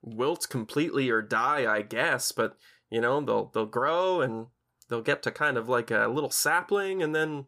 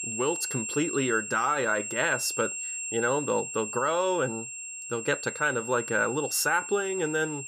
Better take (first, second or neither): first